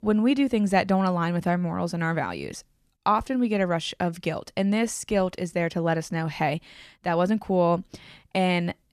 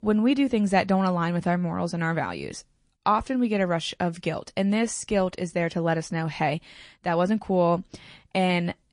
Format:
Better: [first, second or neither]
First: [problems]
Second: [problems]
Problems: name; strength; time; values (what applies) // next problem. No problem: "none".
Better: first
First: none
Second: garbled, watery; slightly; nothing above 10.5 kHz